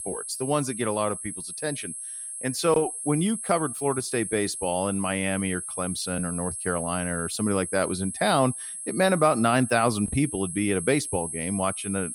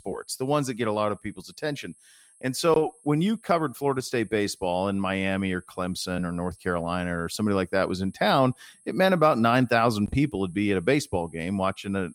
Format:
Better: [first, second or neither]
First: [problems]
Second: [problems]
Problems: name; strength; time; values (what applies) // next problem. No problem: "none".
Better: second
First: high-pitched whine; loud; throughout; 10.5 kHz, 6 dB below the speech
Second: high-pitched whine; faint; throughout; 10.5 kHz, 30 dB below the speech